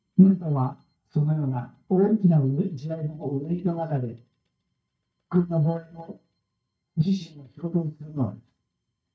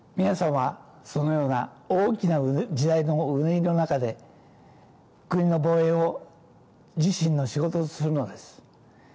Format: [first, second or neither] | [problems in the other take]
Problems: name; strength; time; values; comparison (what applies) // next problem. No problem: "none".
second | noise reduction (neural mask model DeepFilterNet 3)